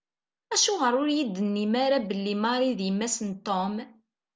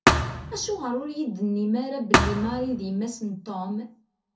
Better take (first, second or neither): first